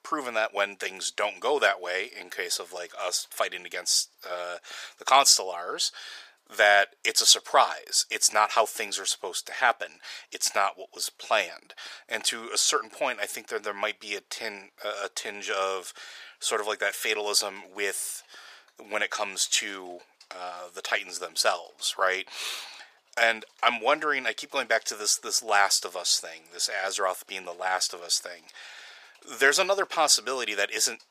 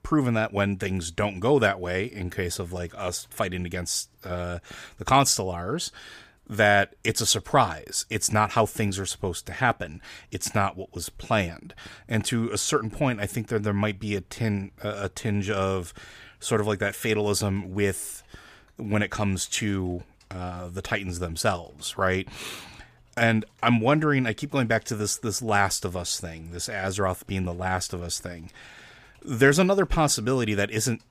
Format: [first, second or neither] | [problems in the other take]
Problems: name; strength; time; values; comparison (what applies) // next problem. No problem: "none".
second | thin; very; fading below 550 Hz